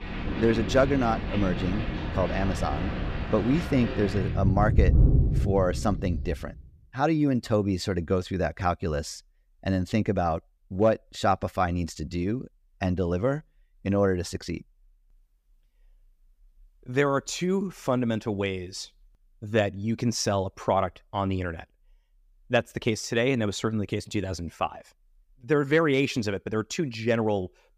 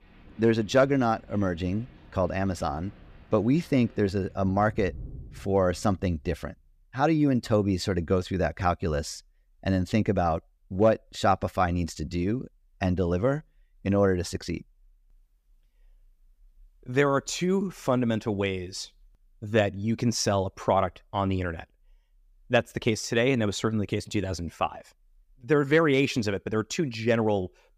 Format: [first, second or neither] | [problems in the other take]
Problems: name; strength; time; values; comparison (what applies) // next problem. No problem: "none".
second | rain or running water; loud; until 6 s; 1 dB below the speech; faint in the second